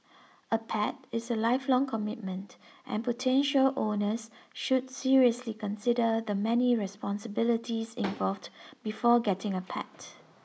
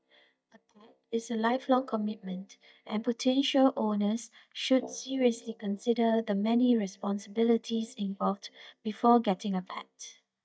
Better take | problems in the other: first | noise reduction (neural mask model DeepFilterNet 3)

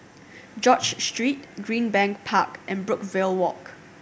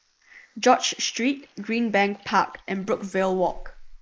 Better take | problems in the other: first | noise reduction (neural mask model Resemble Enhance denoiser)

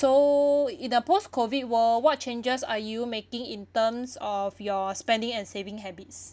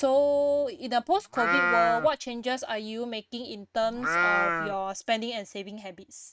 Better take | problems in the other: first | noise reduction (neural mask model RNNoise)

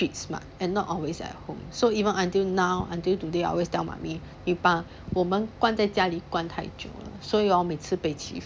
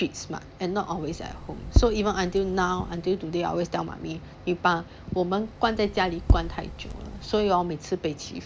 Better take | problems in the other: first | background sound (Tap); 2 dB below the speech

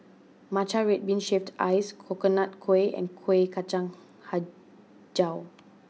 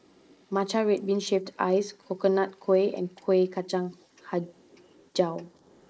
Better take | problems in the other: first | noise reduction (neural mask model Resemble Enhance denoiser)

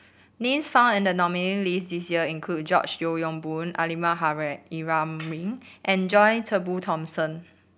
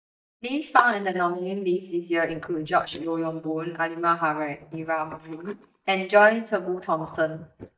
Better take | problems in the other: first | noise reduction (neural mask model DeepFilterNet 3)

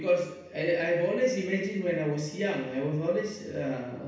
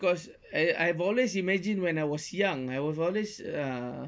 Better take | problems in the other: second | room echo; dies away in 0.9 s

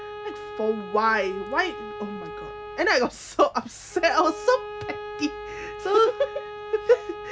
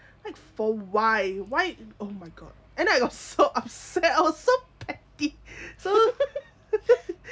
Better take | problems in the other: second | background sound (Bowed string instrument); 11 dB below the speech

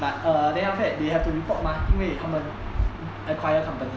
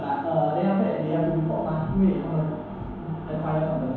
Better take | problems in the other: first | room echo; dies away in 1 s

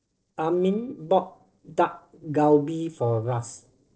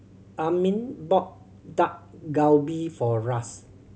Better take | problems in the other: second | noise reduction (neural separator model SepFormer DNS4)

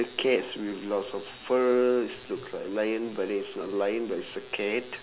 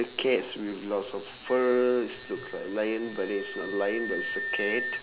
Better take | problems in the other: first | background sound (Wind instrument, woodwind instrument); 9 dB below the speech

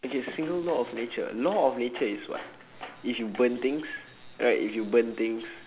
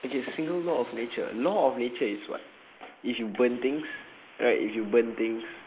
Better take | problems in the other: first | noise reduction (neural mask model Resemble Enhance denoiser)

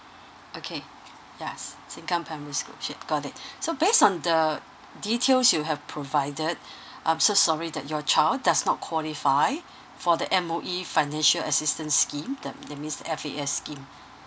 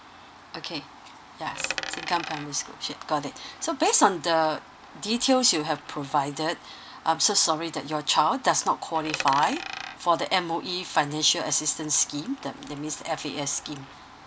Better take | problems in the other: first | background sound (Coin (dropping)); 15 dB below the speech

